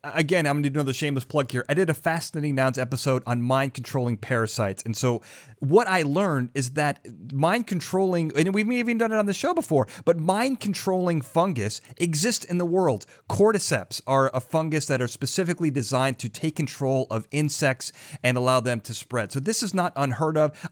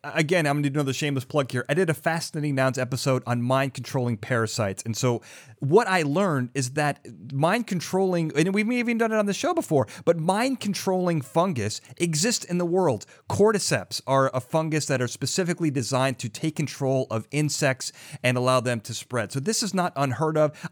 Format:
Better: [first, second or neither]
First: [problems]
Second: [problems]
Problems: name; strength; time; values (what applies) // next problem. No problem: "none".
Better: second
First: garbled, watery; slightly; nothing above 19 kHz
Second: none